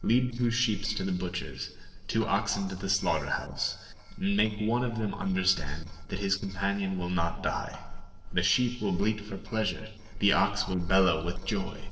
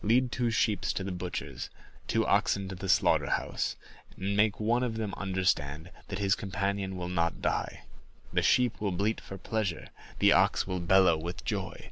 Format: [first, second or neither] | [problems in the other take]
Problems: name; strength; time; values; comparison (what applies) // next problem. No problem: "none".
second | noise reduction (neural separator model SepFormer DNS4)